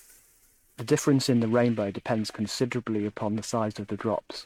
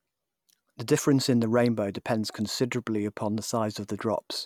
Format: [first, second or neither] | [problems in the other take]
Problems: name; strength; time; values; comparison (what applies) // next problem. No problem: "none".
second | noise reduction (neural mask model RNNoise)